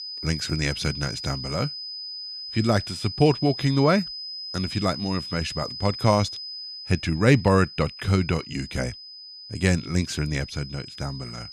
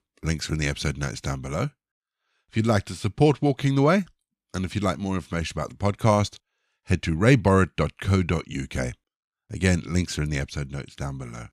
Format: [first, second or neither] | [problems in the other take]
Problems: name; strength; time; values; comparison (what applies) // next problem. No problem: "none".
second | high-pitched whine; loud; throughout; 5 kHz, 9 dB below the speech